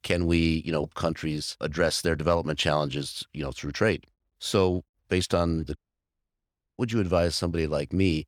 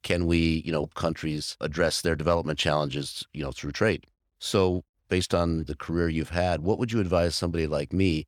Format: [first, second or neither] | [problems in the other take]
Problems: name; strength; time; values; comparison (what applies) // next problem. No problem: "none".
second | audio cutting out; at 6 s for 1 s